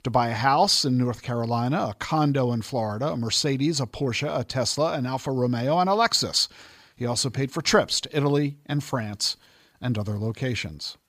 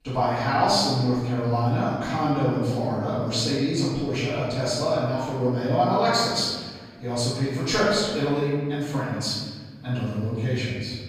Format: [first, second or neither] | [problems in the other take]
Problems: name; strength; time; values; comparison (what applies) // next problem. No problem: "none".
first | off-mic speech; far // room echo; strong; dies away in 1.5 s